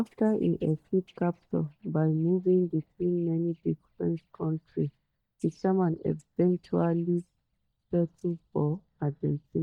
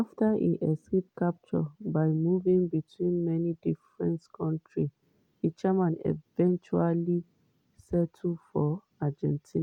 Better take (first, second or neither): second